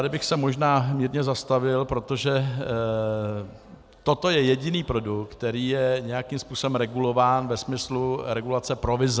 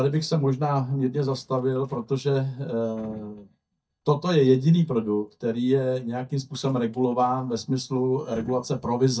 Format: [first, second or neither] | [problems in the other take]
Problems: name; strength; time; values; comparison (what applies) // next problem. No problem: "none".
first | noise reduction (neural mask model DeepFilterNet 3)